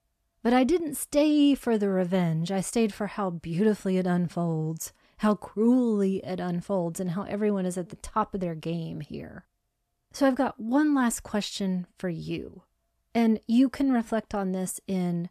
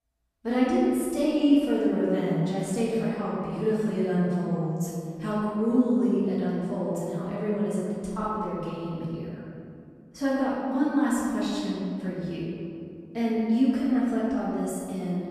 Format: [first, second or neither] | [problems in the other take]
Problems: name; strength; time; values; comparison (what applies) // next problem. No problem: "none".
first | off-mic speech; far // room echo; strong; dies away in 2.3 s